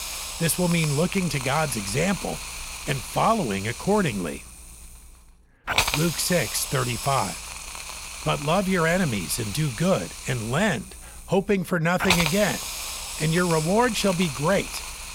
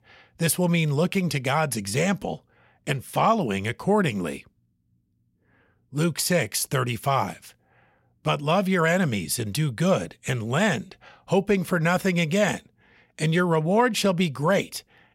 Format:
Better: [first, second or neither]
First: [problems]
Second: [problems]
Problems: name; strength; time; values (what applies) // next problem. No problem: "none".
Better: second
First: hiss; loud; throughout; 6 dB below the speech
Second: none